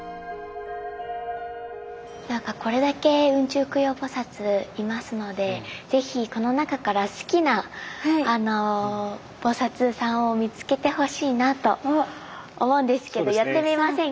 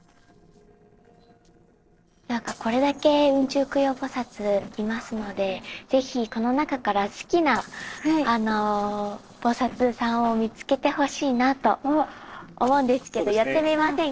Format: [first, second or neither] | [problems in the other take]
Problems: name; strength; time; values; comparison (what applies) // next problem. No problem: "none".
first | noise reduction (neural separator model SepFormer DNS4)